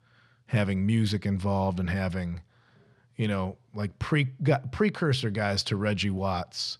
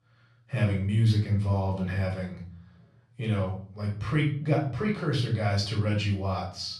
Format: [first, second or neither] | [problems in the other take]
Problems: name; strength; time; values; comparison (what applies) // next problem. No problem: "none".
first | off-mic speech; far // room echo; slight; dies away in 0.4 s